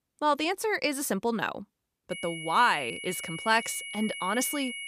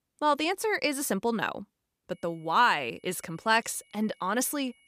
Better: second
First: high-pitched whine; loud; from 2 s on; 2 kHz, 9 dB below the speech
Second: high-pitched whine; faint; from 2 s on; 2 kHz, 35 dB below the speech

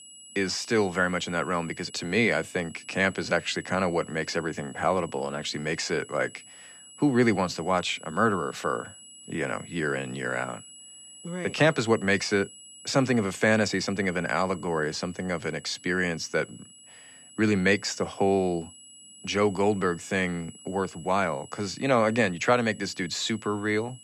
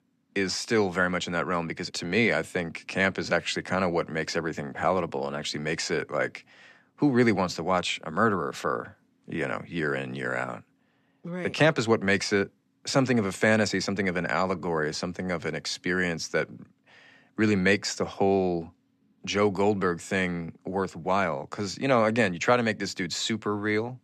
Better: second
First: high-pitched whine; noticeable; throughout; 8 kHz, 20 dB below the speech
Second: none

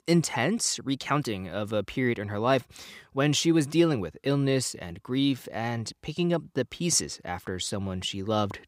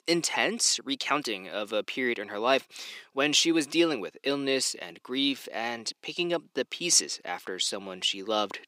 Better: first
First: none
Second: thin; very slightly; fading below 300 Hz

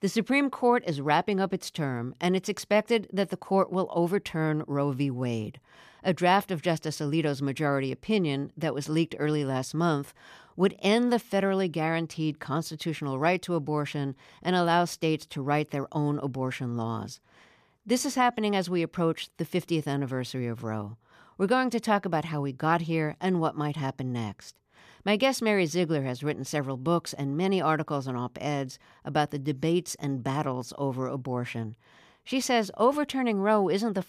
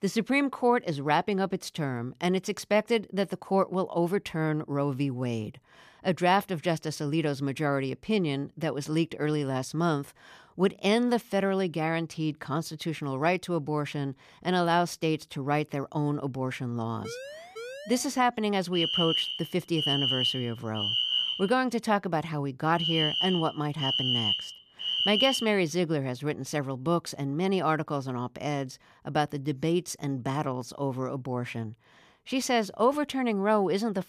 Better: first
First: none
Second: siren; faint; from 17 to 18 s; peak 10 dB below the speech // alarm; loud; from 19 to 26 s; peak 4 dB above the speech

